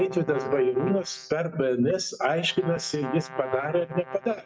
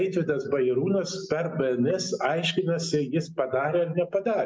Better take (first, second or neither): second